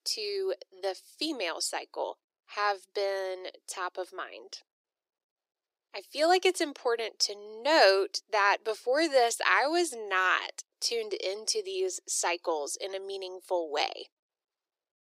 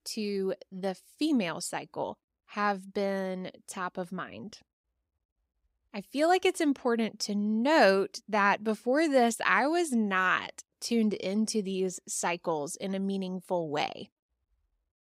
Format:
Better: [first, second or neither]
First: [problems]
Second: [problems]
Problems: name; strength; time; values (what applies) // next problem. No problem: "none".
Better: second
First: thin; very; fading below 350 Hz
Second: none